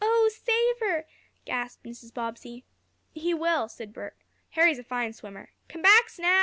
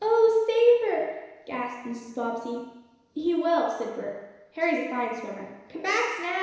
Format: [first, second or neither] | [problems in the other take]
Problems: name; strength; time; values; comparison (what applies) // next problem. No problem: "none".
first | room echo; dies away in 1 s